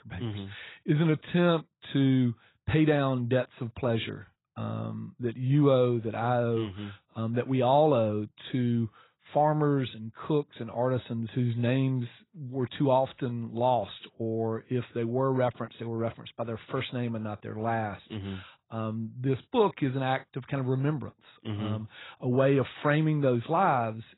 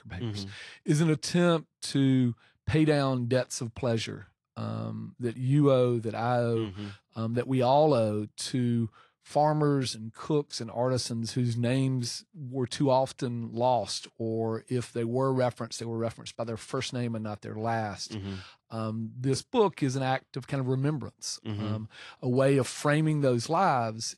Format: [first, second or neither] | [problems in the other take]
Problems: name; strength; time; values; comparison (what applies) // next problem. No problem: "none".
second | garbled, watery; badly; nothing above 4 kHz; slightly in the second